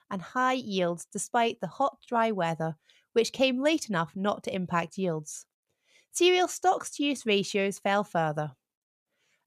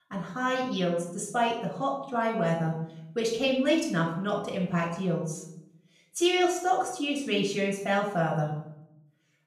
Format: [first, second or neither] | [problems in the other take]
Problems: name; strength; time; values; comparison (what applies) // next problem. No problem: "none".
first | off-mic speech; far // room echo; noticeable; dies away in 0.6 s